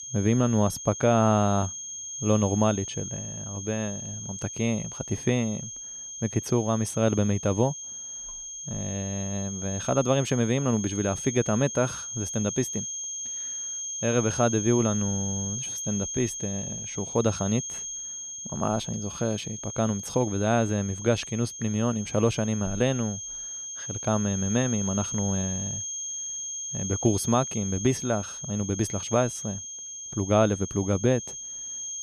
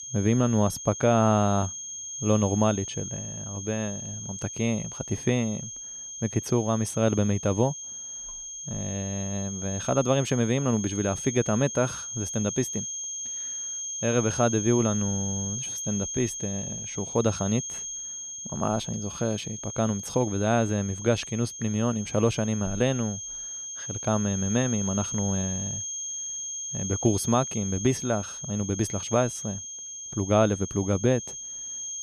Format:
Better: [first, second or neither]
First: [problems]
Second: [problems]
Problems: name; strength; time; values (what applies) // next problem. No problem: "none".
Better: neither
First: high-pitched whine; loud; throughout; 6.5 kHz, 6 dB below the speech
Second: high-pitched whine; loud; throughout; 6.5 kHz, 6 dB below the speech